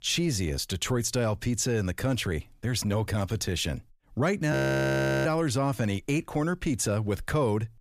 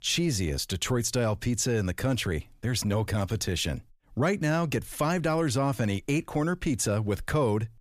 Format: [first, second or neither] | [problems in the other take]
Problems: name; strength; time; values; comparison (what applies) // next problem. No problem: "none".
second | audio freezing; at 4.5 s for 0.5 s